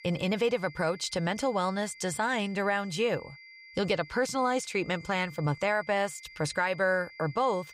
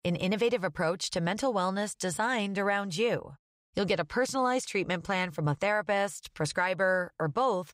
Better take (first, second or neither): second